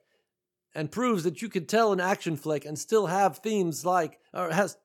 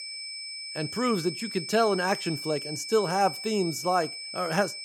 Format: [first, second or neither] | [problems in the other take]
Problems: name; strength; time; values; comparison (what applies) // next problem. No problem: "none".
first | high-pitched whine; loud; throughout; 5 kHz, 7 dB below the speech